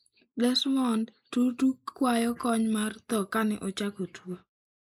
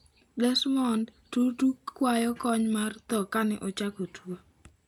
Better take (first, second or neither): second